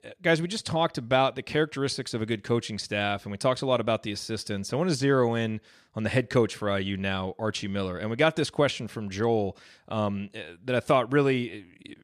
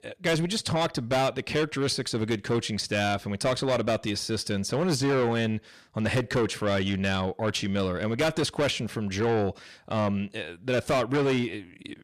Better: first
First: none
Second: distortion; heavy; 7 dB below the speech

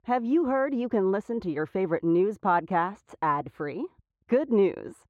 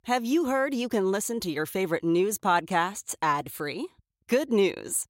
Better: second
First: muffled; very; fading above 4 kHz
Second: none

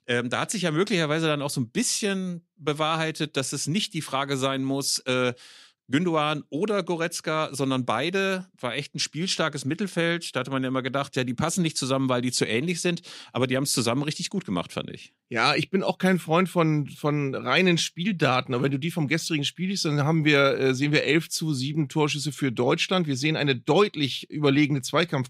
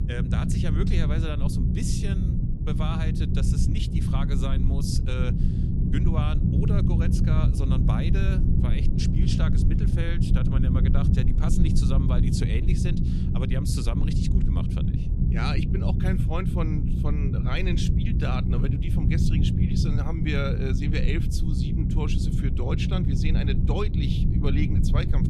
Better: first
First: none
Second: low rumble; loud; throughout; as loud as the speech

